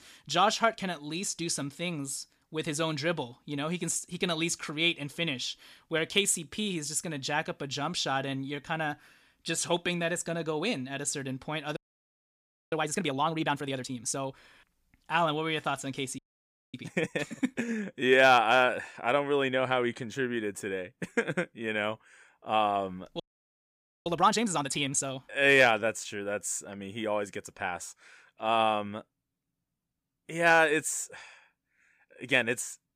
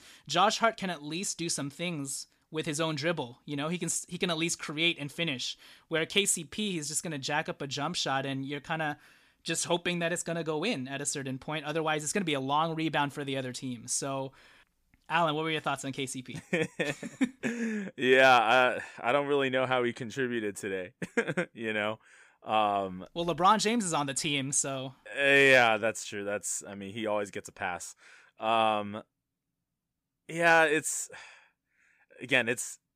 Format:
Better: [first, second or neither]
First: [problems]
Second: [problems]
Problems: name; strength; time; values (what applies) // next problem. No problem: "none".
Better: second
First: audio freezing; at 12 s for 1 s, at 16 s for 0.5 s and at 23 s for 1 s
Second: none